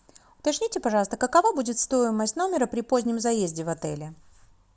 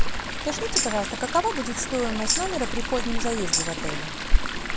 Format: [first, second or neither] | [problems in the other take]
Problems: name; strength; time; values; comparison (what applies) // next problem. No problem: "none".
first | background sound (Chatter / Stream + Tambourine); 4 dB above the speech